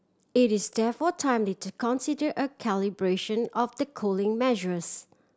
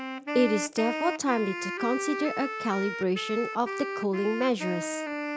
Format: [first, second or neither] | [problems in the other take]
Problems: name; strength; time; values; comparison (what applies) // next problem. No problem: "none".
first | background sound (Wind instrument, woodwind instrument); 5 dB below the speech